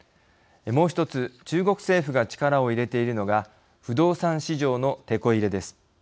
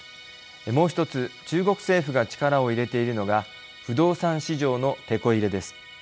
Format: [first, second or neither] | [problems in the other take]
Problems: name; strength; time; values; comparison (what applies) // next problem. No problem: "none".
first | background sound (Musical instrument); 20 dB below the speech